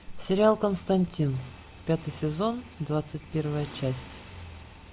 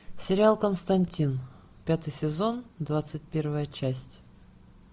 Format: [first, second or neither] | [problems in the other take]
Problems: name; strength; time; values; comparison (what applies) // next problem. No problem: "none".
second | background sound (Motorcycle); 18 dB below the speech